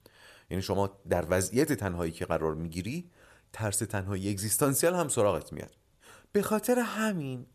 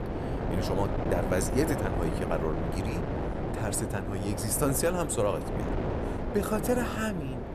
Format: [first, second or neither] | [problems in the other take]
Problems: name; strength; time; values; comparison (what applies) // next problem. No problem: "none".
first | wind noise on the microphone; heavy; 3 dB below the speech